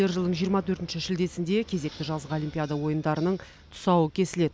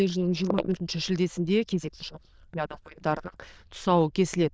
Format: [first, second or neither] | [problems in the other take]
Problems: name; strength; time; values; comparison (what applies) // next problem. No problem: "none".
first | noise reduction (neural diffusion model UNIVERSE++)